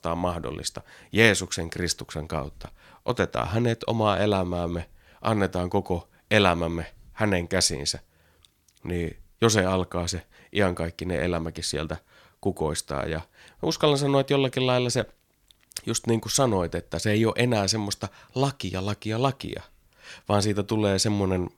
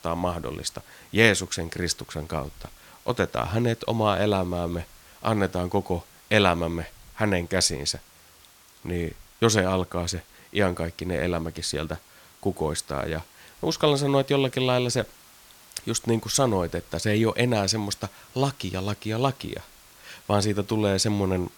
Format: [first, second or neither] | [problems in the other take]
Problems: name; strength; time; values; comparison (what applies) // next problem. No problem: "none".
first | hiss; faint; throughout; 25 dB below the speech